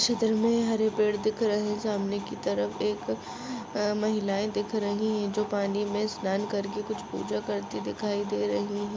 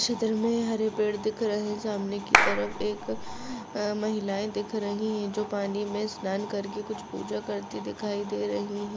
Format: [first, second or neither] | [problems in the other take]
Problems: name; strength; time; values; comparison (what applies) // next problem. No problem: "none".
first | background sound (Clapping); 4 dB above the speech